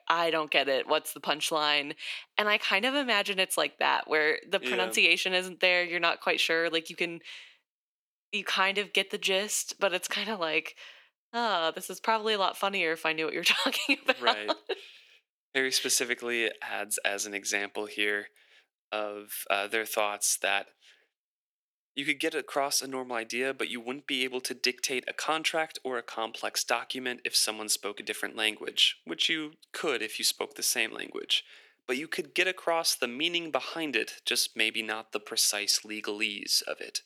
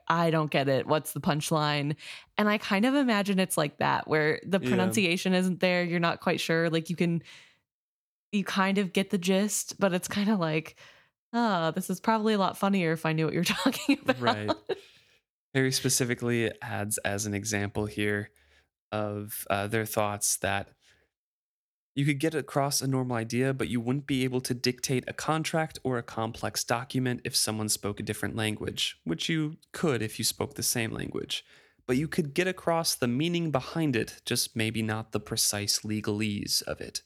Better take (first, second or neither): second